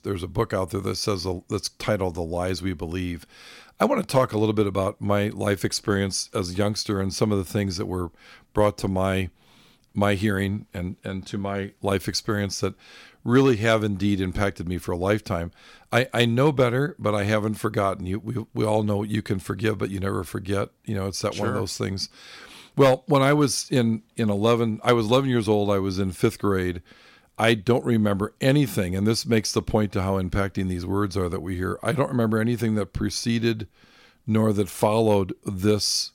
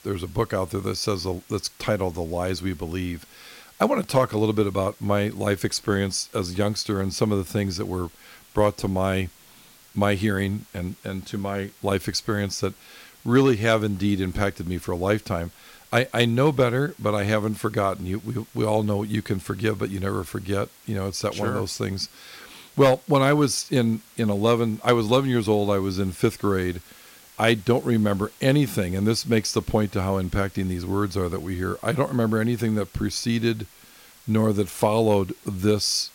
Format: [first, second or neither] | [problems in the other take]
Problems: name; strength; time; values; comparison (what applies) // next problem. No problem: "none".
first | hiss; faint; throughout; 25 dB below the speech